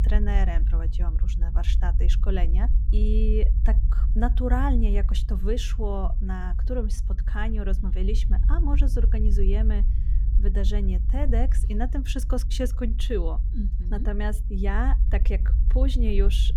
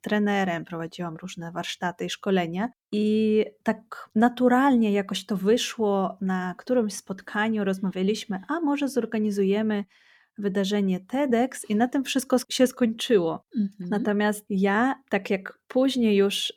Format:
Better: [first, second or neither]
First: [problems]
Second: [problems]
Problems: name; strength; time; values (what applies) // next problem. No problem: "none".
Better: second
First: low rumble; noticeable; throughout; 10 dB below the speech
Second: none